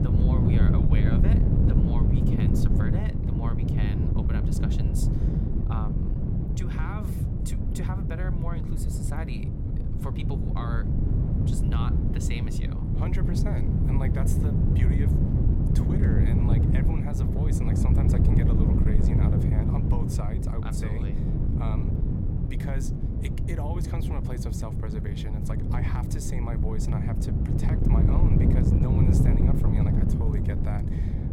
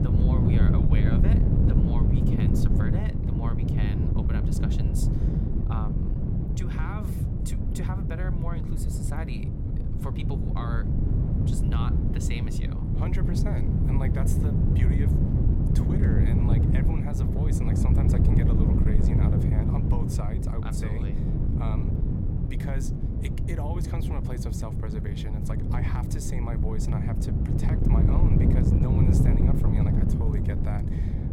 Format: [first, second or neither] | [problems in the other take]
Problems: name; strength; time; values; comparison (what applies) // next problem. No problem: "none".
neither | wind noise on the microphone; heavy; 5 dB above the speech; the same in both